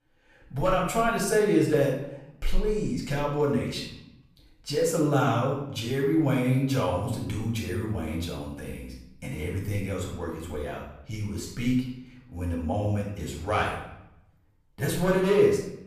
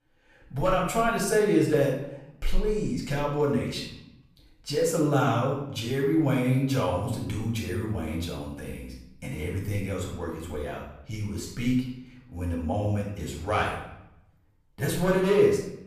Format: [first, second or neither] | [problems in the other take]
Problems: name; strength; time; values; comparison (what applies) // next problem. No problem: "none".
neither | off-mic speech; far; the same in both // room echo; noticeable; dies away in 0.7 s; the same in both